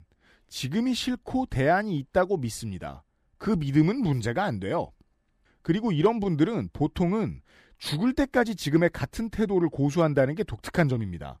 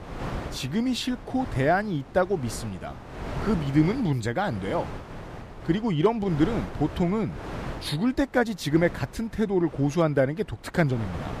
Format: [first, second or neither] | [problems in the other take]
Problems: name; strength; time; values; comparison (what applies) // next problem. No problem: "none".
first | wind noise on the microphone; occasional gusts; 10 dB below the speech